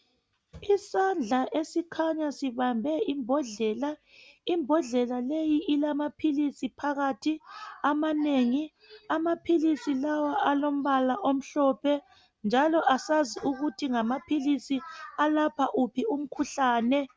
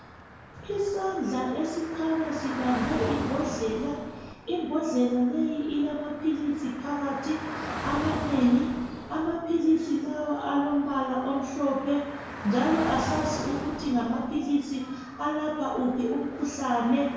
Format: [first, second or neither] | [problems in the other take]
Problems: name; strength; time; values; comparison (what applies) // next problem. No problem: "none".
first | background sound (Traffic noise, roadway noise / Car); 10 dB below the speech // room echo; dies away in 1 s